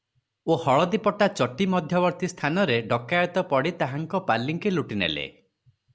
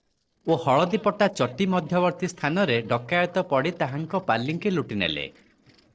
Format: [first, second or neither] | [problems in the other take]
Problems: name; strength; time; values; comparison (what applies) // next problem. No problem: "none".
first | noise reduction (neural separator model SepFormer DNS4)